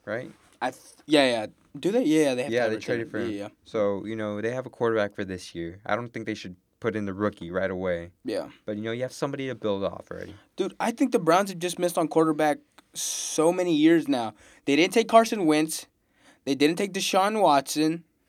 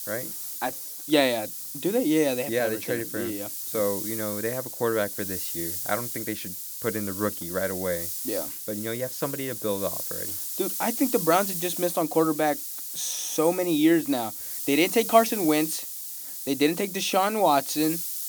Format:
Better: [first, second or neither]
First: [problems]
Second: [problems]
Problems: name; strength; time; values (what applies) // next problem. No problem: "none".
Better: first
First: none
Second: hiss; loud; throughout; 5 dB below the speech